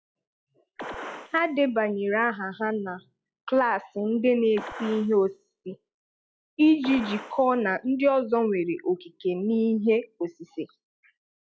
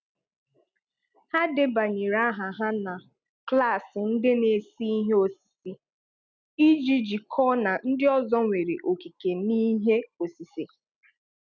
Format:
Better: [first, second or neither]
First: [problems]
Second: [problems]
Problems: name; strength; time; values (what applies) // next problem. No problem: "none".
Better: second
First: noise reduction (classical method log-MMSE)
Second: none